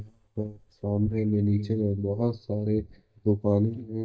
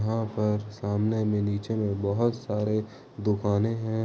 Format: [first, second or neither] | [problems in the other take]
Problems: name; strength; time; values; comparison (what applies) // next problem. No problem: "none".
second | noise reduction (neural mask model DeepFilterNet 3)